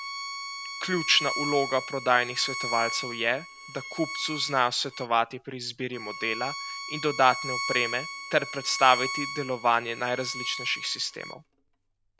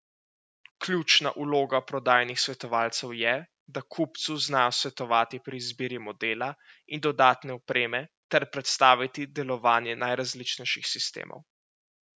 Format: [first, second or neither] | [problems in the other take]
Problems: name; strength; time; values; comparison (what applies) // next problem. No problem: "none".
second | background sound (Bowed string instrument); 8 dB below the speech